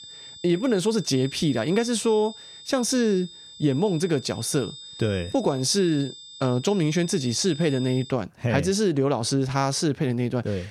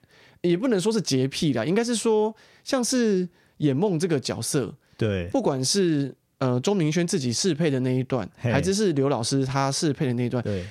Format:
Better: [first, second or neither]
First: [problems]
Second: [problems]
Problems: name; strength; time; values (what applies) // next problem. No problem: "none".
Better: second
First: high-pitched whine; noticeable; until 8 s; 3.5 kHz, 15 dB below the speech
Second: none